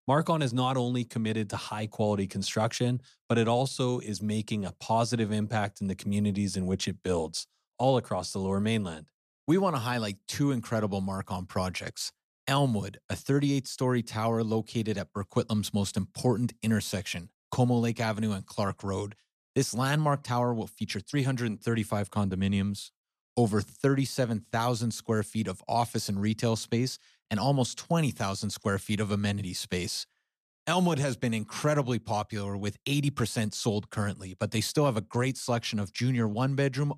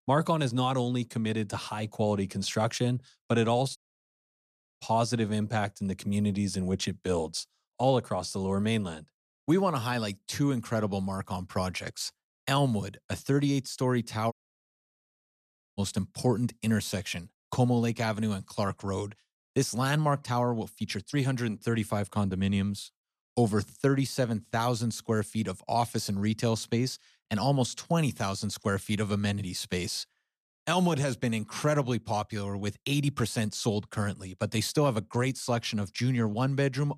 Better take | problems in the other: first | audio cutting out; at 4 s for 1 s and at 14 s for 1.5 s

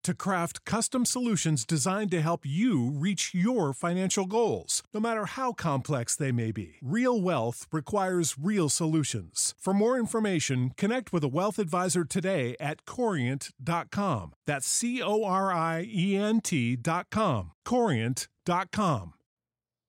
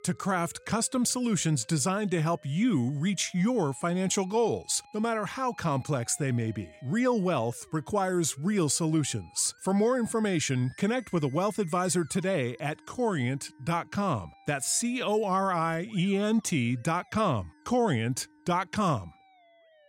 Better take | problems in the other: first | background music; faint; throughout; 30 dB below the speech

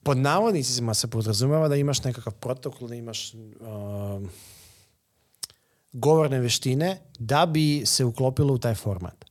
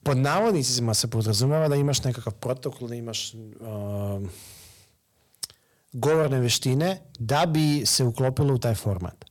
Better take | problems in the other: first | distortion; slight; 10 dB below the speech

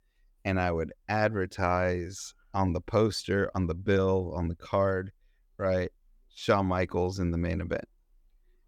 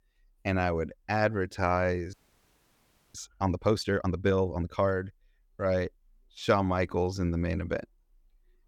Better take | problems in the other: first | audio freezing; at 2 s for 1 s

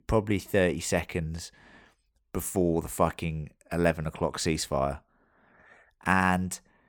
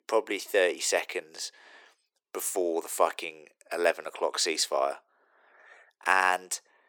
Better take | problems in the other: first | thin; very; fading below 350 Hz

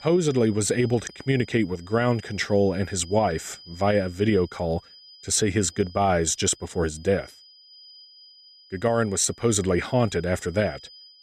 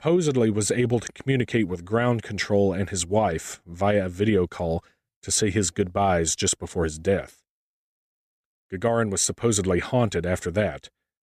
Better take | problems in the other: second | high-pitched whine; faint; throughout; 5 kHz, 25 dB below the speech

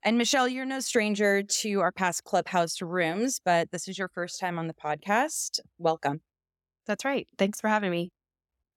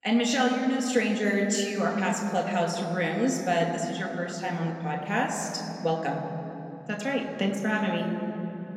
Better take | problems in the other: first | room echo; noticeable; dies away in 3 s // off-mic speech; somewhat distant

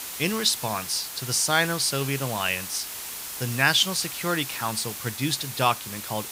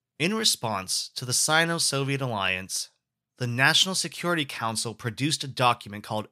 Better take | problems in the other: second | hiss; loud; throughout; 8 dB below the speech

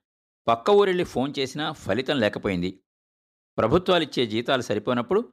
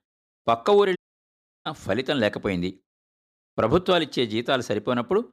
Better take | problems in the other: first | audio cutting out; at 1 s for 0.5 s

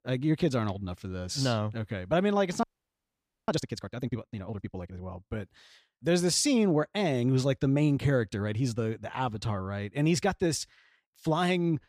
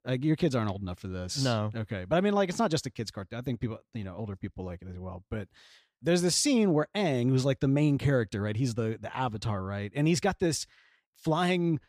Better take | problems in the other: second | audio freezing; at 2.5 s for 1 s

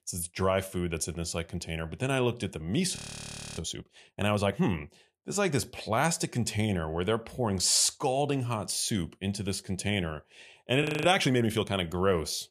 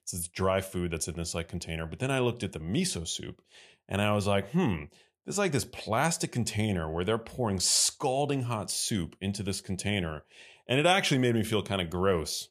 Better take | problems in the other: second | audio freezing; at 3 s for 0.5 s and at 11 s

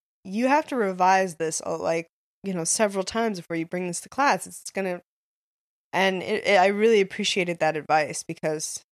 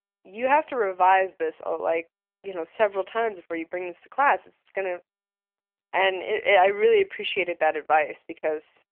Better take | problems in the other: first | phone-call audio; nothing above 3 kHz

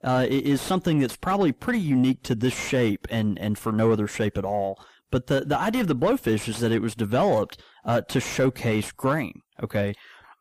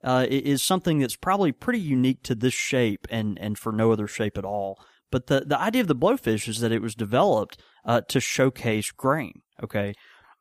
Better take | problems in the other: second | distortion; slight; 10 dB below the speech

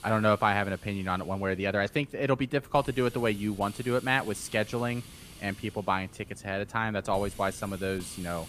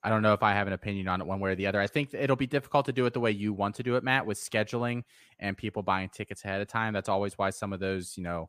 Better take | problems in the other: second | hiss; noticeable; throughout; 20 dB below the speech

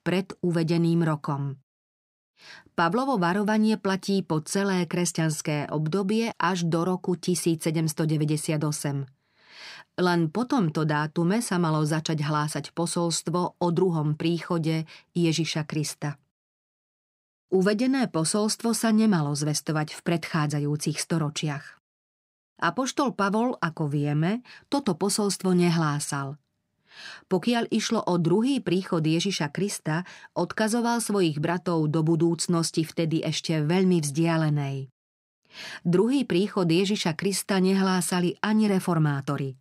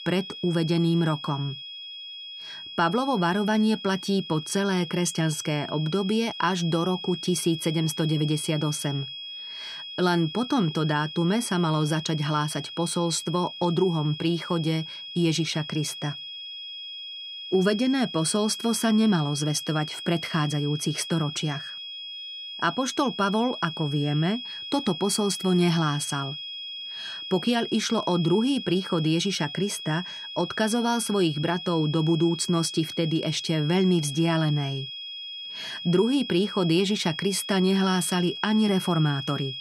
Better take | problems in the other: first | high-pitched whine; loud; throughout; 3.5 kHz, 9 dB below the speech

